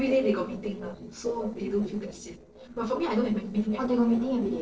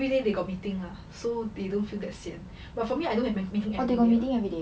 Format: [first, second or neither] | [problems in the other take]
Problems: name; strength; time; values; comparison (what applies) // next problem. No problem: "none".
second | noise reduction (neural separator model SepFormer DNS4)